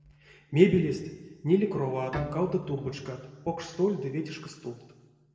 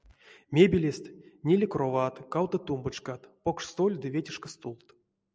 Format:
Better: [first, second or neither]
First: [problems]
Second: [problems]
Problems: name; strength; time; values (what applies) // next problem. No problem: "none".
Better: second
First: background sound (Bowed string instrument); 14 dB below the speech // room echo; dies away in 1.2 s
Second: none